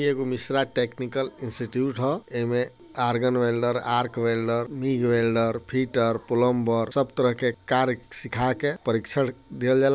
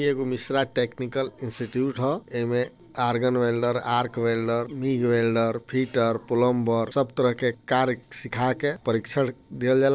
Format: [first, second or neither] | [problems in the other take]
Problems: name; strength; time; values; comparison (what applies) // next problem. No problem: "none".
first | noise reduction (neural separator model SepFormer DNS4)